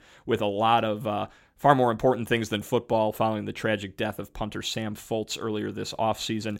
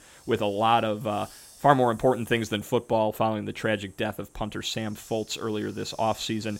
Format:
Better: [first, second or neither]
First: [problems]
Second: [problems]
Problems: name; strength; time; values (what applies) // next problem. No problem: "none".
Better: first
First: none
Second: hiss; faint; throughout; 25 dB below the speech